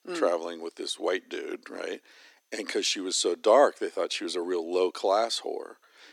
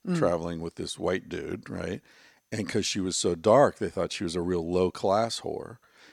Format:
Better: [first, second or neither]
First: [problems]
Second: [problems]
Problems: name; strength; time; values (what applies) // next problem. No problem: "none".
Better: second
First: thin; somewhat; fading below 300 Hz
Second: none